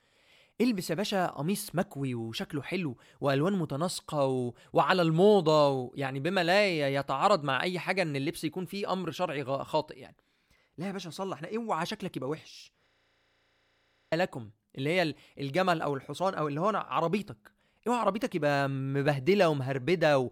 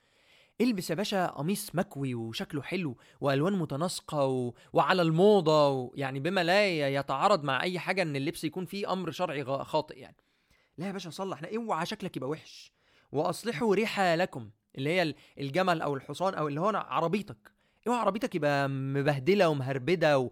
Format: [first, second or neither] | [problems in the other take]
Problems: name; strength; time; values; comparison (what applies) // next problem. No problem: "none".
second | audio freezing; at 13 s for 1.5 s